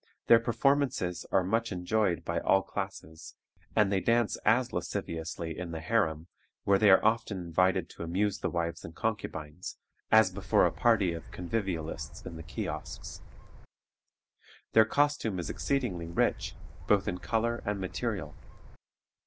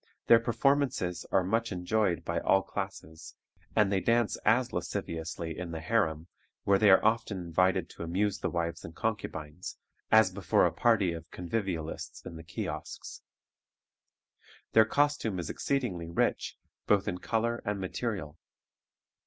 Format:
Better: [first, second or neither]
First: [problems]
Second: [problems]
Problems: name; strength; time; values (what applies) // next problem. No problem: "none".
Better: second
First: background sound (Gull, seagull / Wind); 12 dB below the speech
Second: none